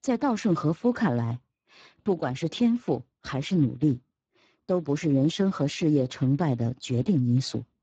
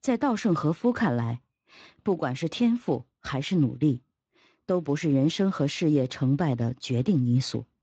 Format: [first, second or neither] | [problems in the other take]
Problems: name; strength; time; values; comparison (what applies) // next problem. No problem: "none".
second | garbled, watery; badly; nothing above 7.5 kHz; slightly in the second